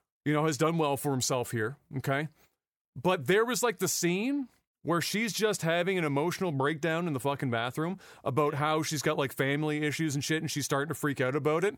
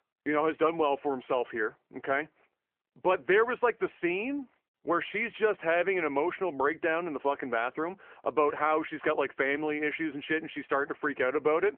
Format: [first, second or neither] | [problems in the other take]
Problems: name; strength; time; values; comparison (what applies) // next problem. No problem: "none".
first | phone-call audio